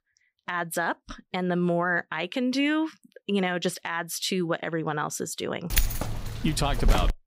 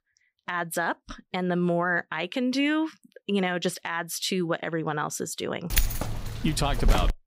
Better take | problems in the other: neither | jangling keys; loud; from 5.5 s on; peak 2 dB above the speech; the same in both

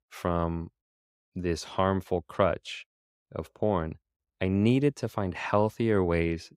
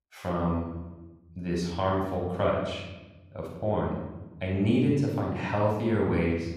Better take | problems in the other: first | off-mic speech; far // room echo; noticeable; dies away in 1 s

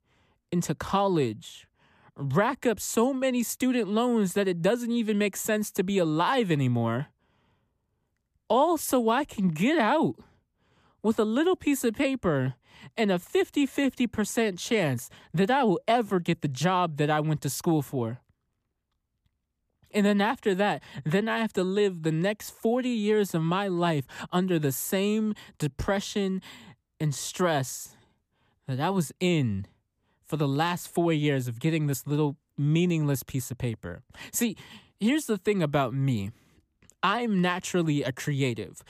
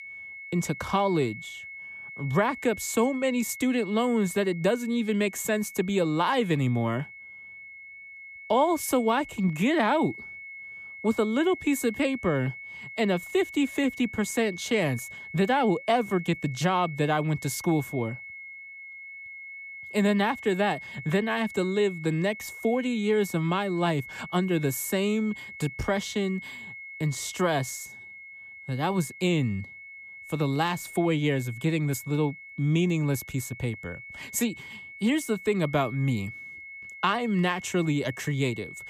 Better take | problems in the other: first | high-pitched whine; noticeable; throughout; 2 kHz, 15 dB below the speech

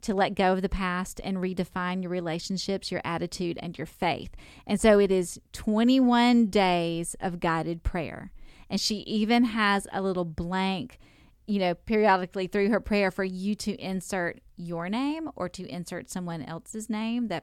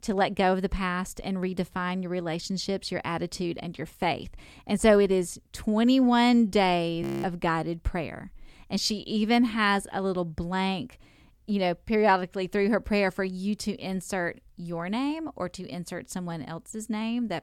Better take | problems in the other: first | audio freezing; at 7 s

